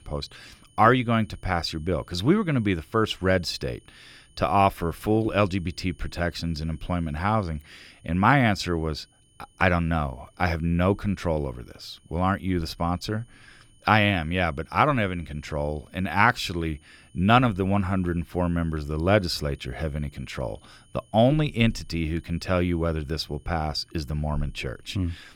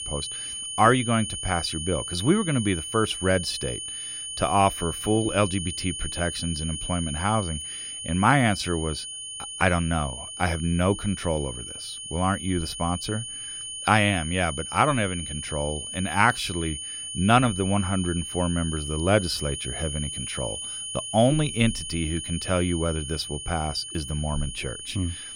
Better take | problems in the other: first | high-pitched whine; loud; throughout; 3 kHz, 7 dB below the speech; faint in the first

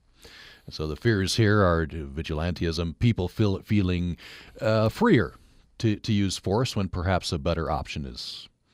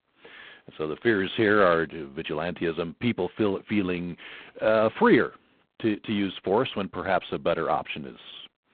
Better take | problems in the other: first | phone-call audio; poor line; nothing above 3.5 kHz

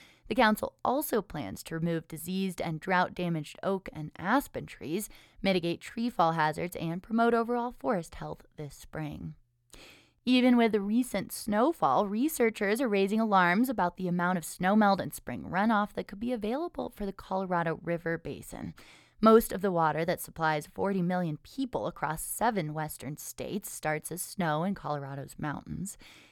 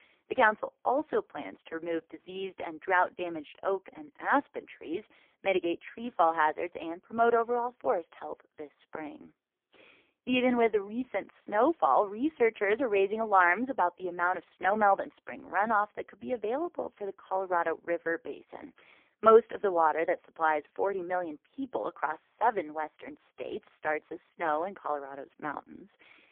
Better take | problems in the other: first | phone-call audio; poor line; nothing above 3.5 kHz

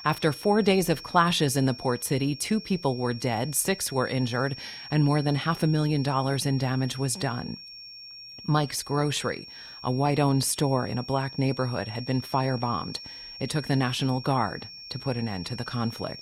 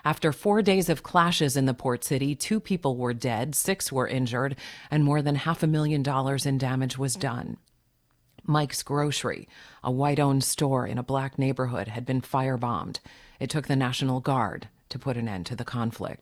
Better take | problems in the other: second | high-pitched whine; noticeable; throughout; 5.5 kHz, 15 dB below the speech

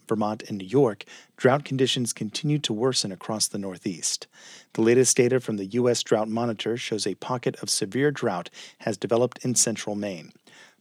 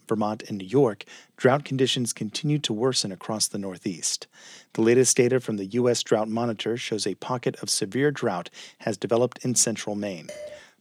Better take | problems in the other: first | clattering dishes; faint; at 10 s; peak 15 dB below the speech

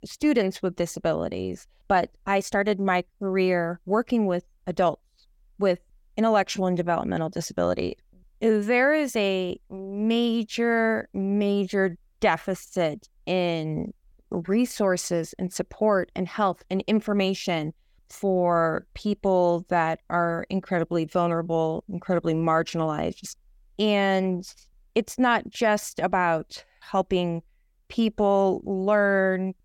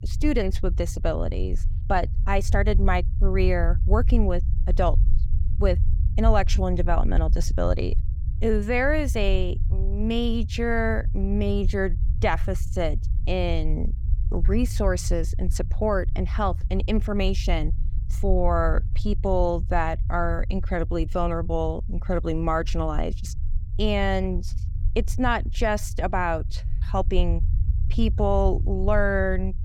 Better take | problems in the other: first | low rumble; noticeable; throughout; 20 dB below the speech

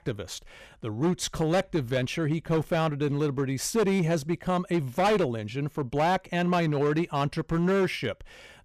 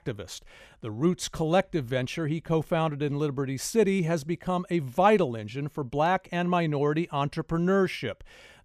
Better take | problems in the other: second | distortion; slight; 8% of the sound clipped

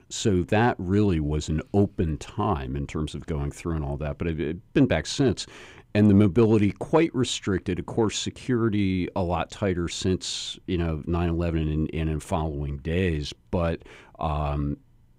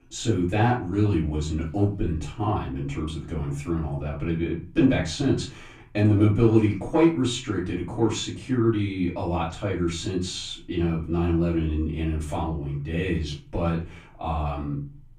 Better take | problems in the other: first | off-mic speech; far // room echo; slight; dies away in 0.3 s

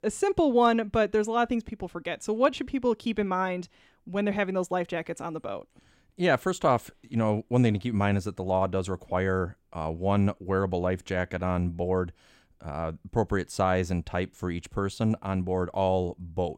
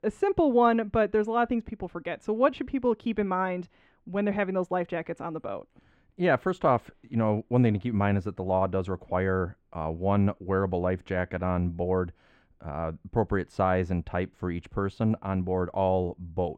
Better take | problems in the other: first | muffled; slightly; fading above 4 kHz

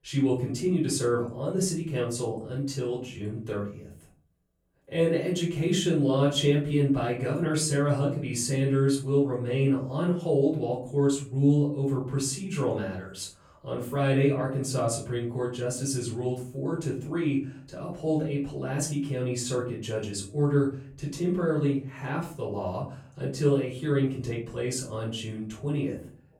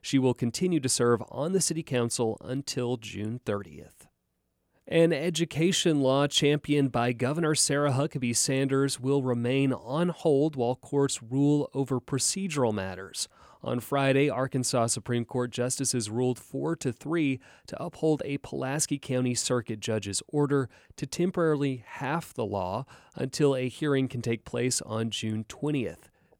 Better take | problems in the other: second | off-mic speech; far // room echo; slight; dies away in 0.5 s

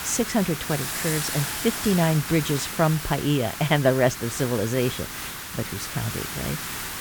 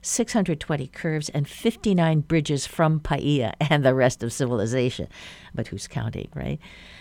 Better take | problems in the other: second | hiss; loud; throughout; 5 dB below the speech

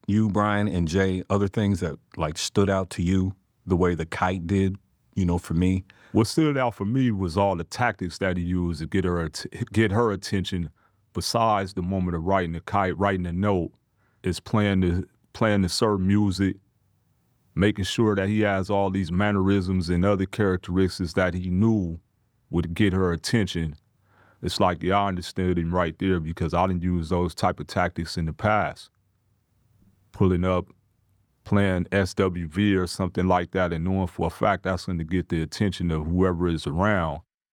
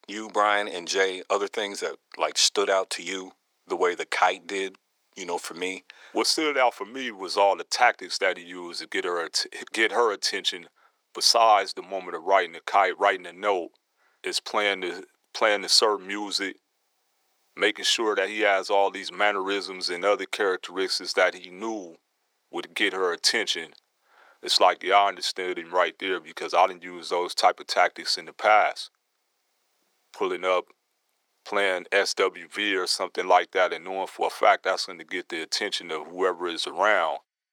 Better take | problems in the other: first | thin; very; fading below 400 Hz

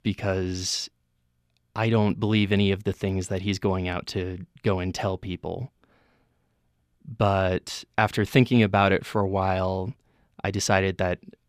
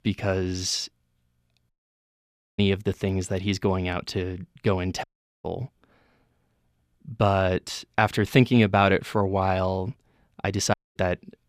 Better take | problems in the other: first | audio cutting out; at 1.5 s for 1 s, at 5 s and at 11 s

